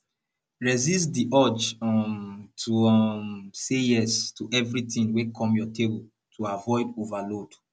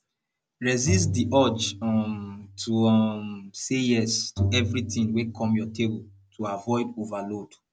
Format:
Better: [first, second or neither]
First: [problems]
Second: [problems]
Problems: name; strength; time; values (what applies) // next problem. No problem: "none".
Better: first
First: none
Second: background sound (Bowed string instrument); 7 dB below the speech